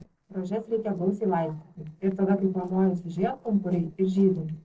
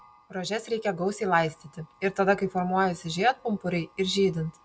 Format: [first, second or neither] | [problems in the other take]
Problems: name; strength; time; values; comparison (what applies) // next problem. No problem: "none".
second | noise reduction (neural separator model SepFormer DNS4)